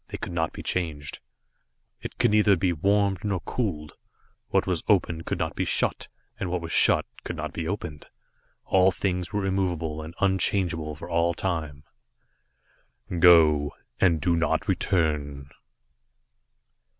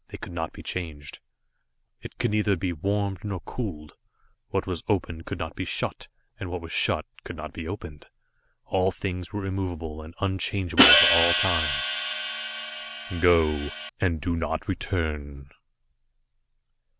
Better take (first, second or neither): first